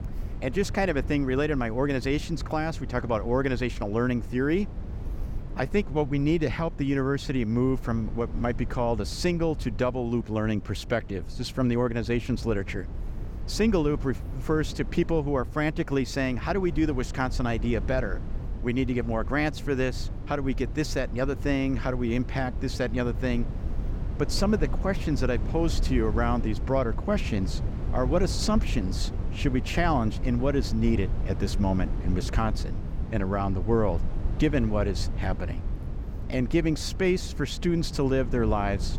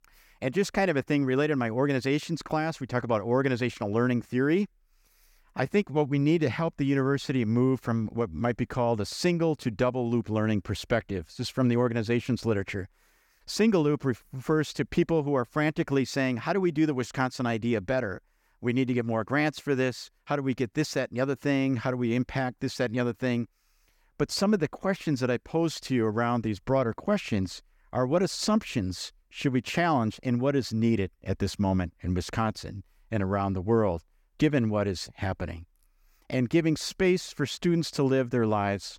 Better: second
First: low rumble; noticeable; throughout; 15 dB below the speech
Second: none

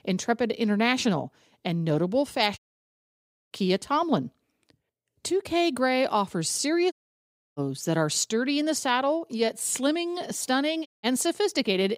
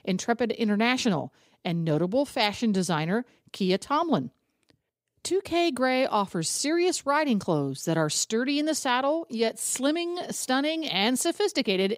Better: second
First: audio cutting out; at 2.5 s for 1 s, at 7 s for 0.5 s and at 11 s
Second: none

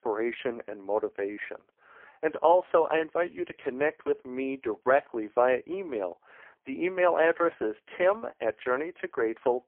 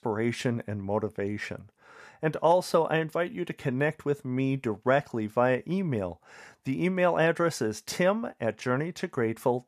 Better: second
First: phone-call audio; poor line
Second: none

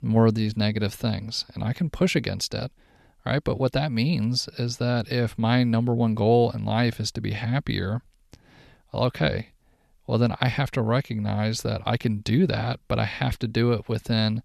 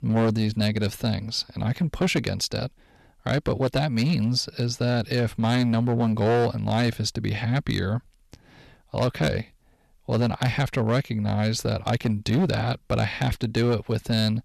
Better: first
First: none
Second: distortion; slight; 8% of the sound clipped

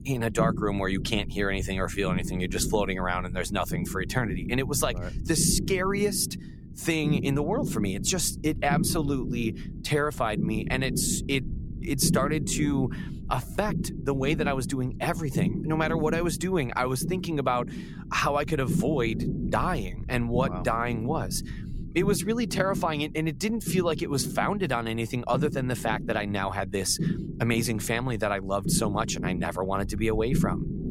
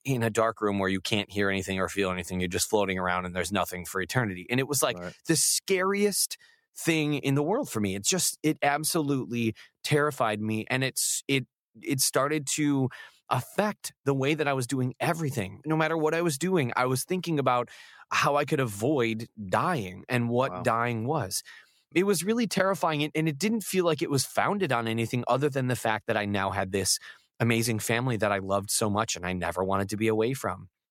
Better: second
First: low rumble; noticeable; throughout; 10 dB below the speech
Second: none

